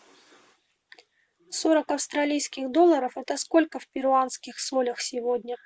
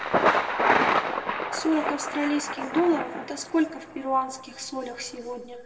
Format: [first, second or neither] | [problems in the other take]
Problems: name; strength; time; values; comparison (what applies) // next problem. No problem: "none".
first | background sound (Thunder); 1 dB above the speech // room echo; dies away in 1.2 s